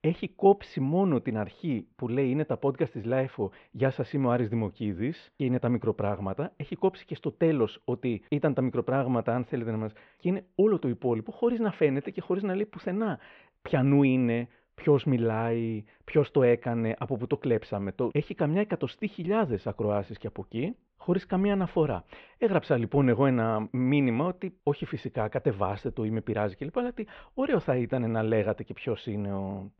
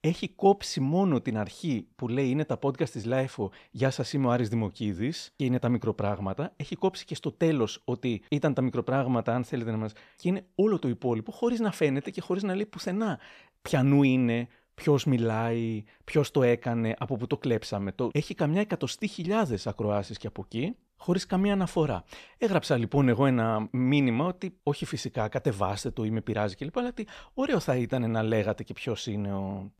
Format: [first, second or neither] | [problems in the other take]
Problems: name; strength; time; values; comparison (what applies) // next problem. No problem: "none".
second | muffled; very; fading above 3 kHz